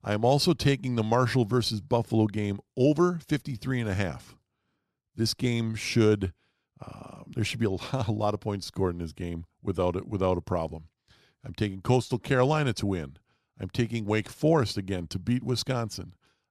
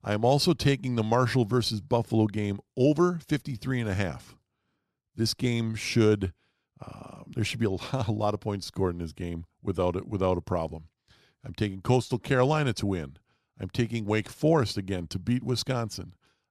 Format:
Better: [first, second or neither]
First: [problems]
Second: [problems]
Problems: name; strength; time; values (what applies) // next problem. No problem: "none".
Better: neither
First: none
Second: none